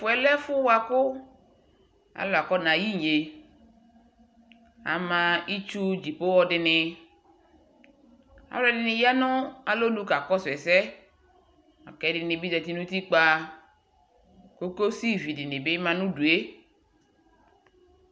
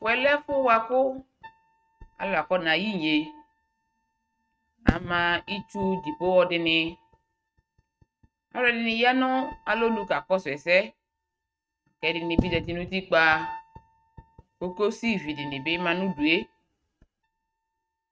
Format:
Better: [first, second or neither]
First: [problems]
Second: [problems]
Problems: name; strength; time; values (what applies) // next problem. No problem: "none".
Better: first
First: none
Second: noise reduction (neural mask model RNNoise)